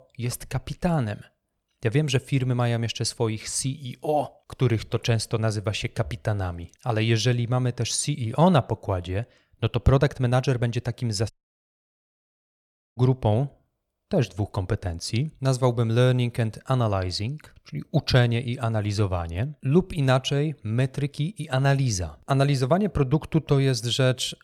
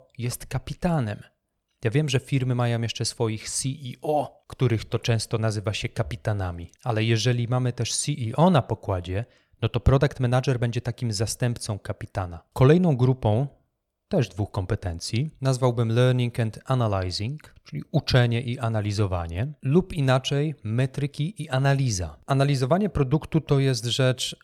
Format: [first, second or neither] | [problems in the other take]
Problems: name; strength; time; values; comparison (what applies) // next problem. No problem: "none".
second | audio cutting out; at 11 s for 1.5 s